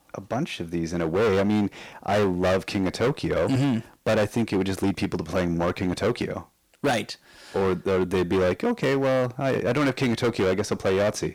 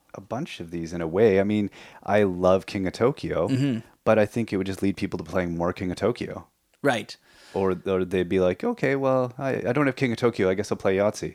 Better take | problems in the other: second | distortion; heavy; 16% of the sound clipped

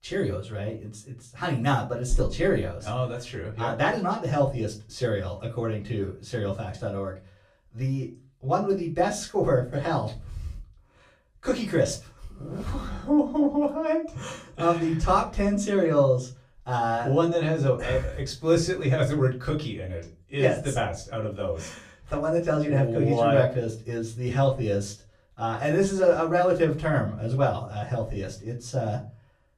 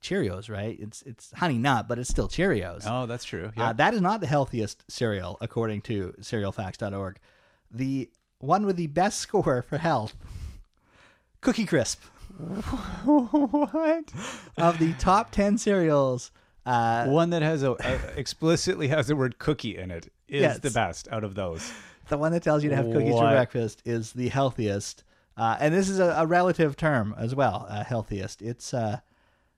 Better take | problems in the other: second | off-mic speech; far // room echo; very slight; dies away in 0.3 s

